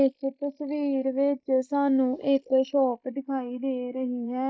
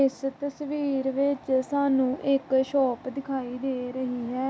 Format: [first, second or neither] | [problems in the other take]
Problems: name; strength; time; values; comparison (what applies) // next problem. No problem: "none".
second | noise reduction (neural mask model Resemble Enhance denoiser)